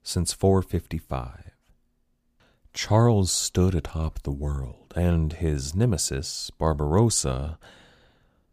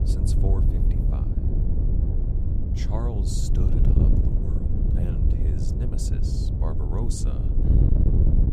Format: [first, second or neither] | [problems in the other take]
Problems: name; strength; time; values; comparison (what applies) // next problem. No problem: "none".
first | wind noise on the microphone; heavy; 2 dB above the speech